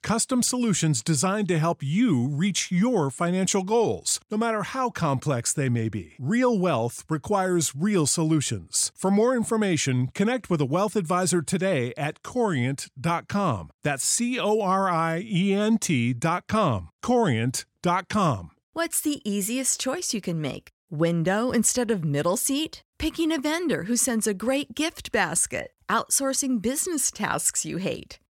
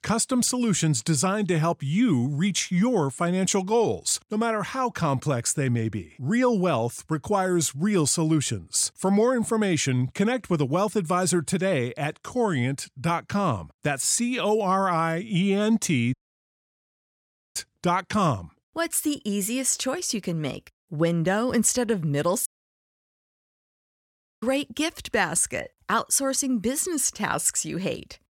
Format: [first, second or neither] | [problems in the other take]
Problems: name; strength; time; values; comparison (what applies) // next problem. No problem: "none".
first | audio cutting out; at 16 s for 1.5 s and at 22 s for 2 s